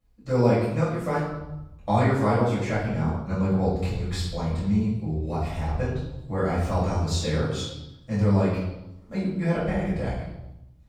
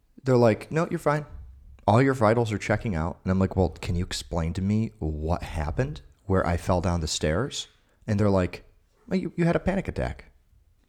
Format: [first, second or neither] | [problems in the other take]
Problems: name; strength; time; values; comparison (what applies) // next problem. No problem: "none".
second | off-mic speech; far // room echo; noticeable; dies away in 0.9 s